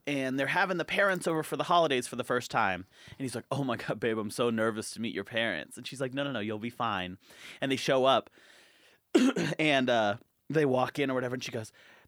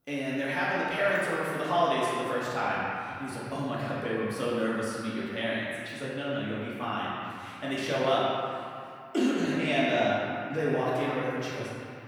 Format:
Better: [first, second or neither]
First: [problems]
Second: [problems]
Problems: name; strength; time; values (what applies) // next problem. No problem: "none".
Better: first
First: none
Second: room echo; strong; dies away in 2.3 s // off-mic speech; far